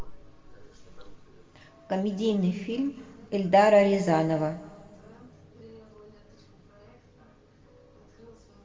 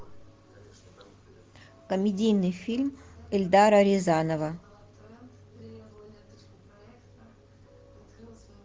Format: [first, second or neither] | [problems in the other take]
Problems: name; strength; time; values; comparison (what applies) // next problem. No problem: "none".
second | room echo; dies away in 1.5 s